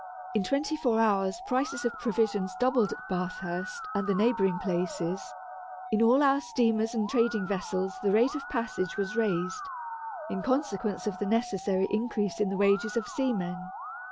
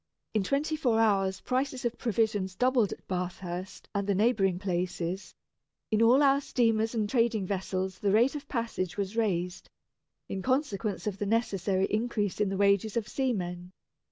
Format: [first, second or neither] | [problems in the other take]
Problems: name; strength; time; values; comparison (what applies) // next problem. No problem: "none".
second | background sound (Musical instrument); 11 dB below the speech